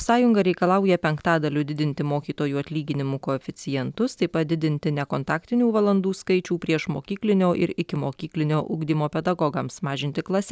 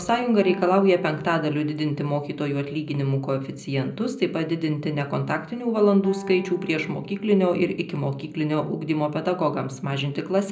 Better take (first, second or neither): first